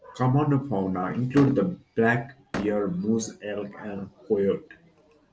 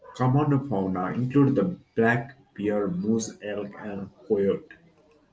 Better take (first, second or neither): second